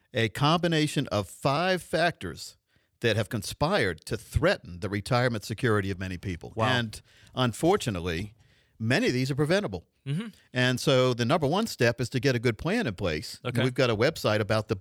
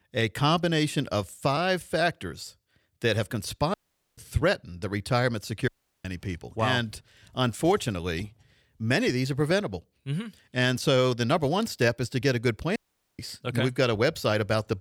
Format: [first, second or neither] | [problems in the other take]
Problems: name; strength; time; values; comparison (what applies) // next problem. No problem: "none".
first | audio cutting out; at 3.5 s, at 5.5 s and at 13 s